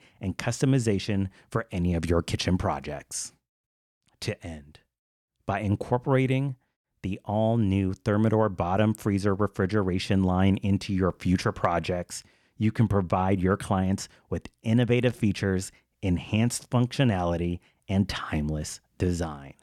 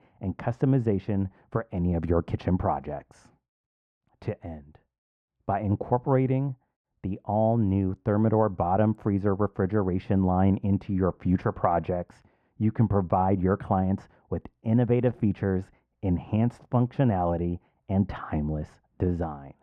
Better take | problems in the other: first | muffled; very; fading above 3 kHz

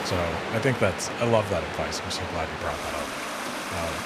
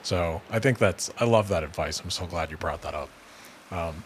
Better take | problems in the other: second | rain or running water; loud; throughout; 3 dB below the speech; faint in the second

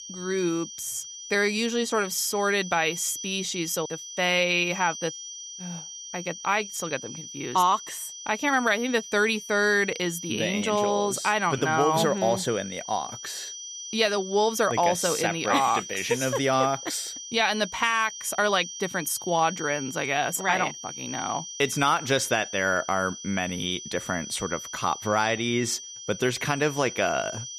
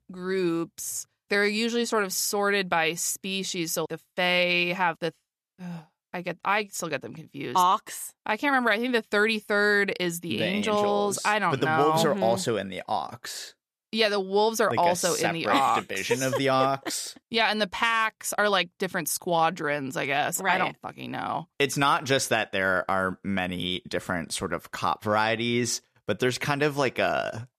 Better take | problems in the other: second | high-pitched whine; noticeable; throughout; 6 kHz, 10 dB below the speech

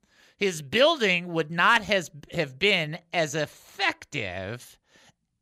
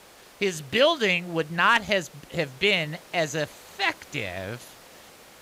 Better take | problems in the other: first | hiss; faint; throughout; 25 dB below the speech

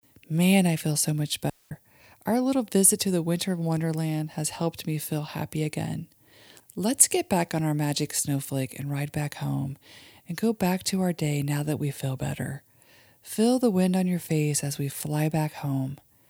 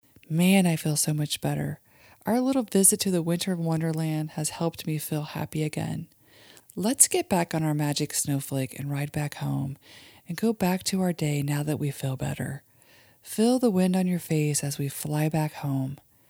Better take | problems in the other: second | audio cutting out; at 1.5 s

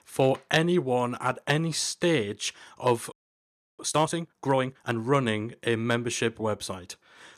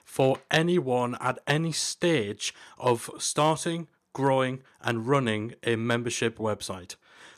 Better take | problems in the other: second | audio freezing; at 3 s for 0.5 s

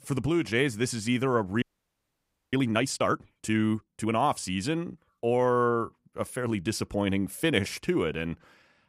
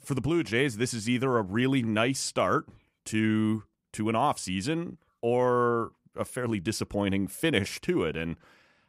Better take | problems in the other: second | audio freezing; at 1.5 s for 1 s

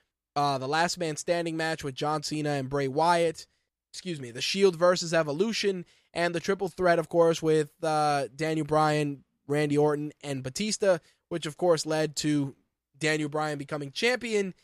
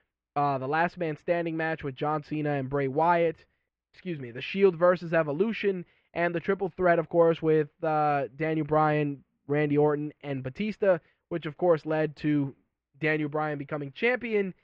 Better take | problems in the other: first | muffled; very; fading above 2.5 kHz

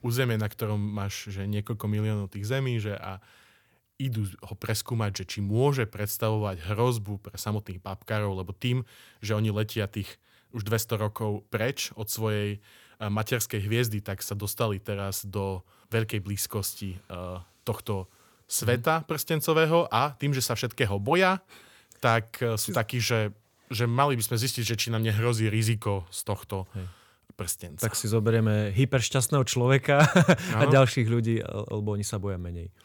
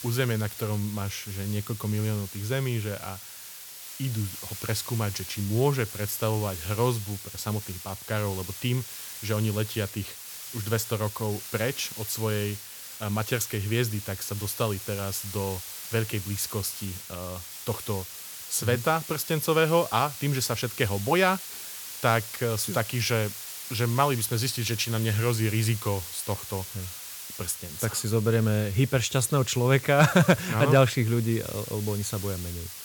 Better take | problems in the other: first | hiss; loud; throughout; 10 dB below the speech

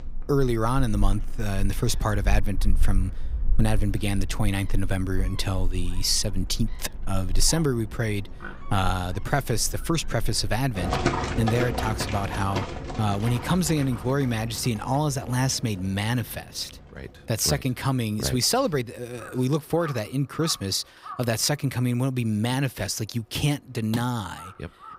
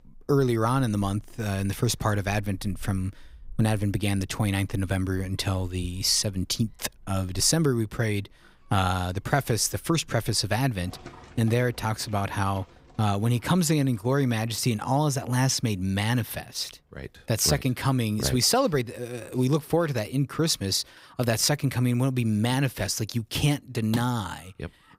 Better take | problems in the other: second | animal sounds; loud; throughout; 7 dB below the speech; faint in the second

